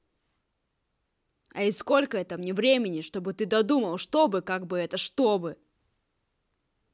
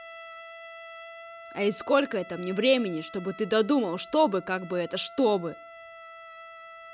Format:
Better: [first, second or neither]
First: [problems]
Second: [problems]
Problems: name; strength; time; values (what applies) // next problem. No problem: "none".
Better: first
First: none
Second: background sound (Trumpet); 17 dB below the speech